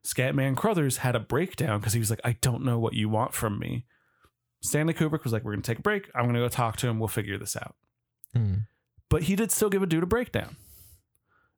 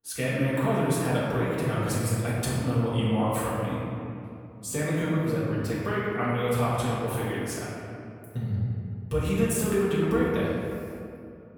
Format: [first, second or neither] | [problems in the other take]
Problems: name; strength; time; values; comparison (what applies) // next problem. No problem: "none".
first | off-mic speech; far // room echo; strong; dies away in 2.3 s